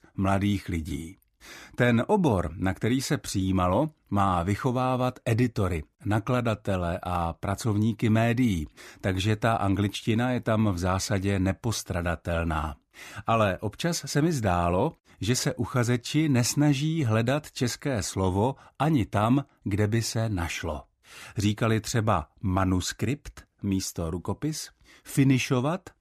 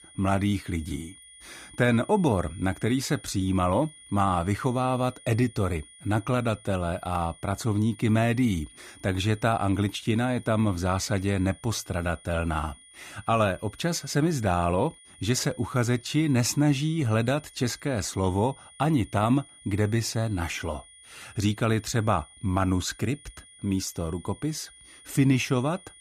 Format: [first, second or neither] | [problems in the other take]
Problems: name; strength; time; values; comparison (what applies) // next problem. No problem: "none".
first | high-pitched whine; faint; throughout; 9.5 kHz, 20 dB below the speech